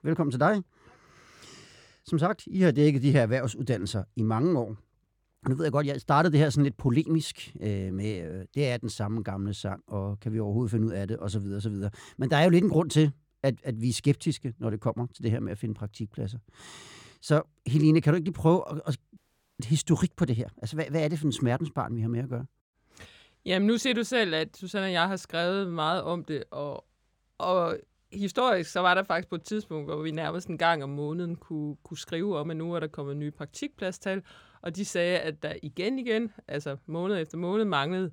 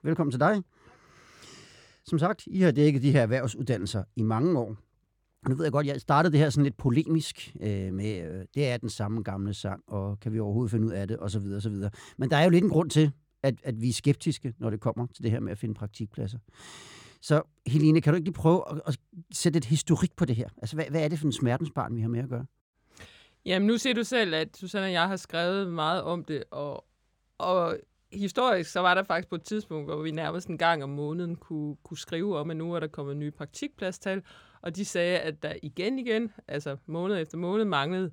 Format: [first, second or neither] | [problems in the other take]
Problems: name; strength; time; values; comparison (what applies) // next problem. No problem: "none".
second | audio cutting out; at 19 s